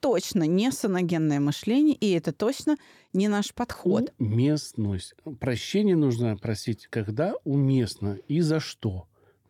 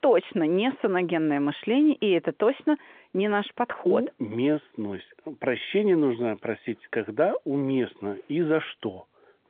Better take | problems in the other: first | phone-call audio; nothing above 3.5 kHz

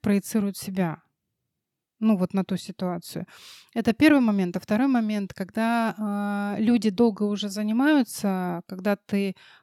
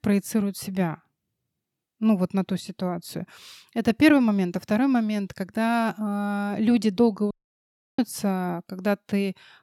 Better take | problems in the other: first | audio cutting out; at 7.5 s for 0.5 s

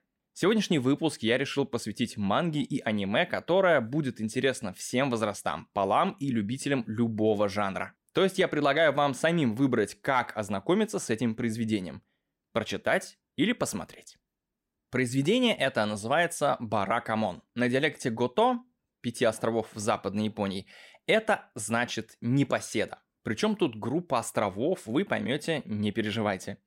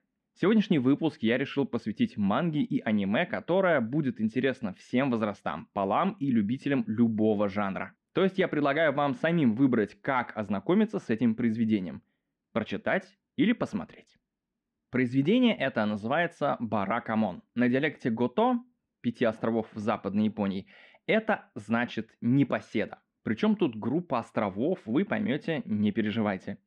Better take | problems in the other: first | muffled; slightly; fading above 2.5 kHz

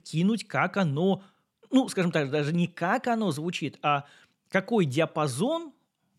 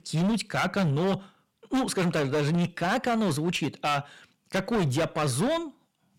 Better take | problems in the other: first | distortion; heavy; 20% of the sound clipped

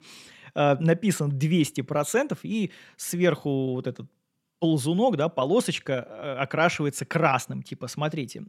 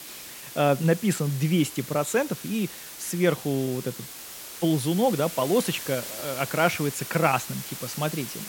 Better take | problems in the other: first | hiss; noticeable; throughout; 10 dB below the speech

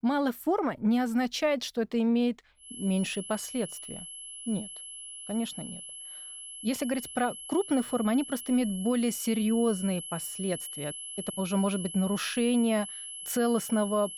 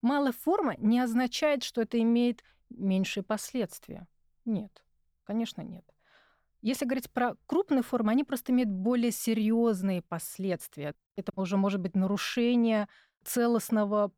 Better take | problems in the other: second | high-pitched whine; loud; from 2.5 s on; 11 kHz, 9 dB below the speech

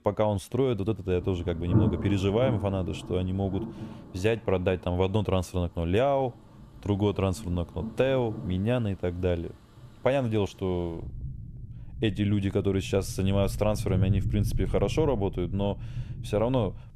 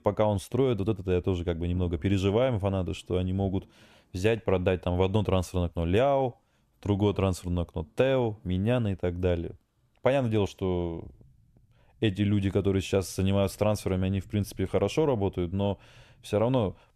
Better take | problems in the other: second | rain or running water; loud; throughout; 7 dB below the speech; faint in the second

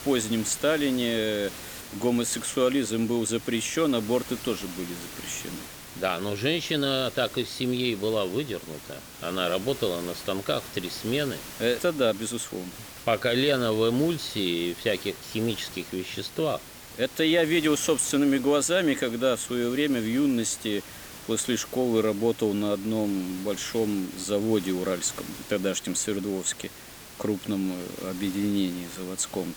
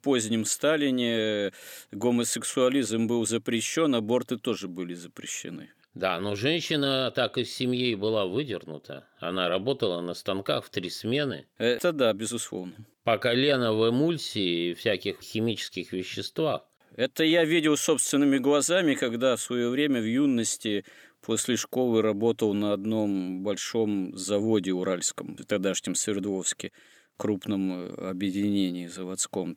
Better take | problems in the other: second | hiss; noticeable; throughout; 15 dB below the speech

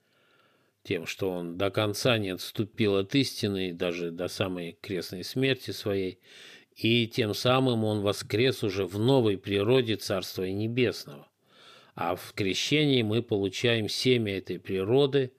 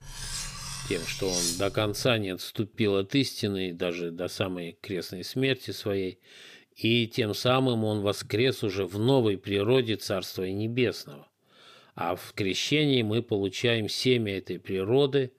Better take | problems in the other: first | clattering dishes; loud; until 2 s; peak level with the speech

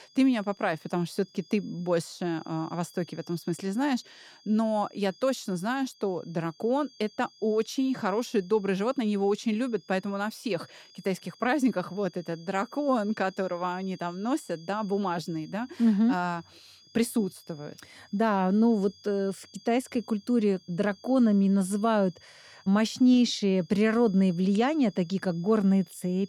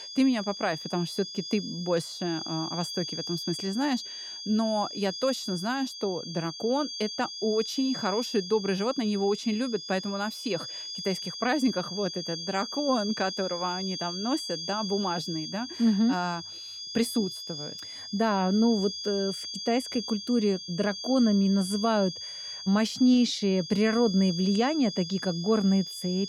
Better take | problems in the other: first | high-pitched whine; loud; throughout; 4.5 kHz, 7 dB below the speech; faint in the first

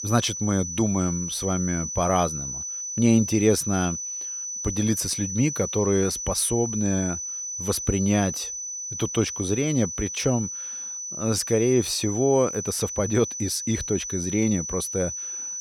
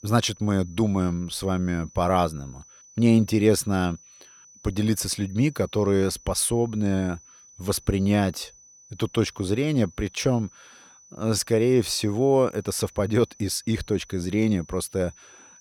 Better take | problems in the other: second | high-pitched whine; loud; throughout; 6 kHz, 5 dB below the speech; faint in the second

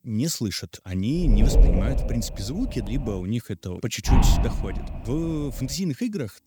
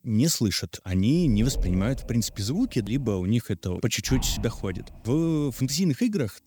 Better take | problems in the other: second | wind noise on the microphone; heavy; from 1 to 3 s and from 4 to 6 s; 3 dB below the speech; occasional gusts in the second

